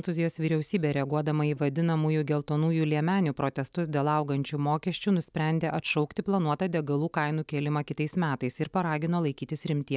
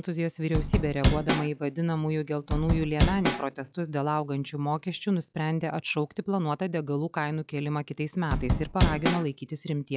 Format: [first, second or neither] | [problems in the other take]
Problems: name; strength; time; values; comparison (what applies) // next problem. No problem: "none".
first | noise reduction (classical method log-MMSE)